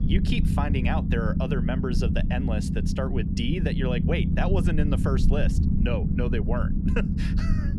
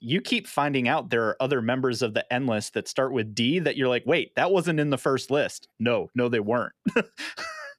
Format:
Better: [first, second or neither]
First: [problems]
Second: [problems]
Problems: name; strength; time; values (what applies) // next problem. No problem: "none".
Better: second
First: low rumble; loud; throughout; 4 dB below the speech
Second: none